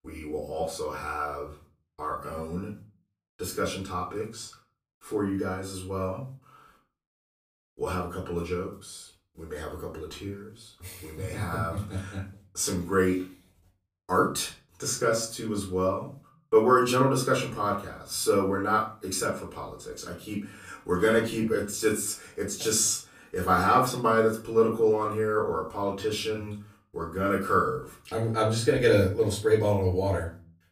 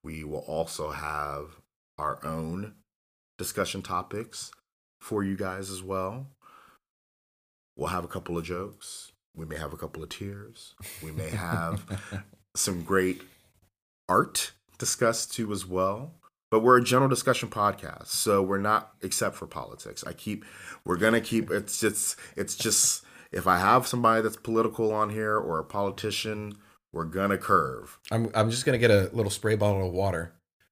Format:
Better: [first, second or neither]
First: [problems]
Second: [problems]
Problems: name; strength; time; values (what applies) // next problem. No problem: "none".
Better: second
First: off-mic speech; far // room echo; slight; dies away in 0.3 s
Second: none